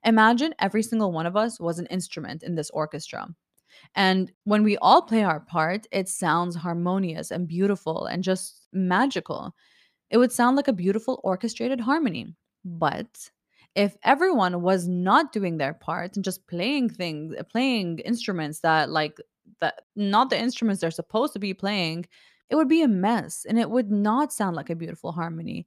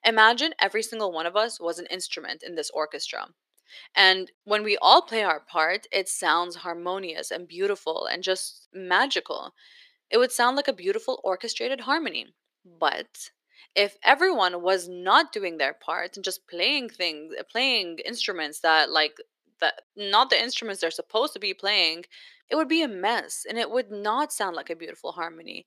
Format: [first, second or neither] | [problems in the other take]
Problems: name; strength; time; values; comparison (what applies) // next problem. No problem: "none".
first | thin; very; fading below 400 Hz